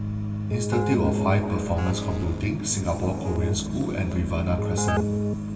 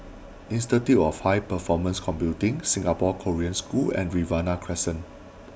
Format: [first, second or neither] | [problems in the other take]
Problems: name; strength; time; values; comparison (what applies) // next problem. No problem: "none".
second | background sound (Keyboard (musical)); 1 dB below the speech // room echo; dies away in 2.3 s